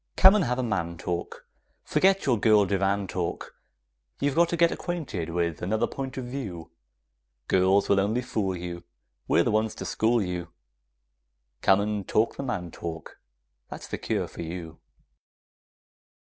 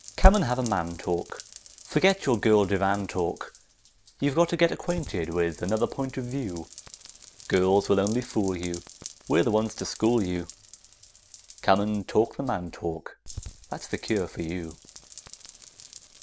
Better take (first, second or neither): first